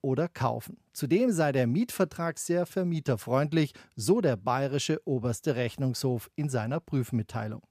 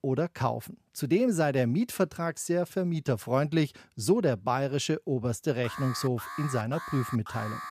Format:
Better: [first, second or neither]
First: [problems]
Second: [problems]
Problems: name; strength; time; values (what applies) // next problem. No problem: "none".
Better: first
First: none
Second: alarm; noticeable; from 5.5 s on; peak 9 dB below the speech